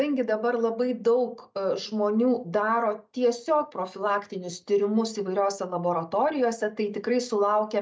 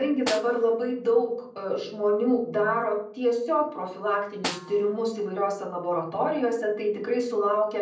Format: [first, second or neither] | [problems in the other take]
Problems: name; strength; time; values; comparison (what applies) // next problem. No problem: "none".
first | background sound (Snare drum); 13 dB below the speech // room echo; dies away in 0.6 s